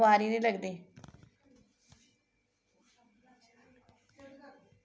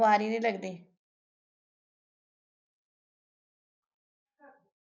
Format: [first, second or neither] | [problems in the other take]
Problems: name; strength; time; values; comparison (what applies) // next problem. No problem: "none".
first | noise reduction (neural mask model Resemble Enhance denoiser)